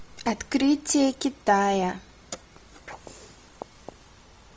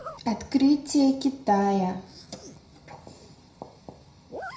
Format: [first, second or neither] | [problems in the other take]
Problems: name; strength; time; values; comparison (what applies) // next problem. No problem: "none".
first | background sound (Zipper (clothing)); 20 dB below the speech // room echo; dies away in 0.5 s